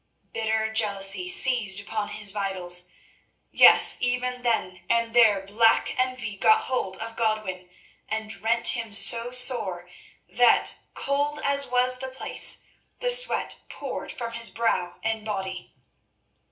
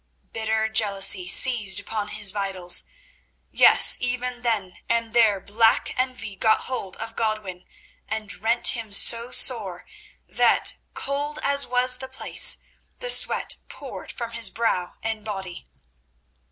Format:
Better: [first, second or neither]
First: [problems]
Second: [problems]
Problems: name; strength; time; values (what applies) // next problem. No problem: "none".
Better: second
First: room echo; dies away in 0.3 s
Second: none